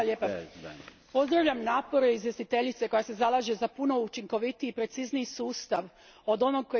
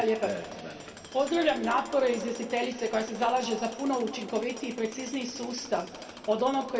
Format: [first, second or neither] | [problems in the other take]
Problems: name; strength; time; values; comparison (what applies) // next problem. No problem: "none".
first | background sound (Tools); 17 dB below the speech // room echo; dies away in 2.3 s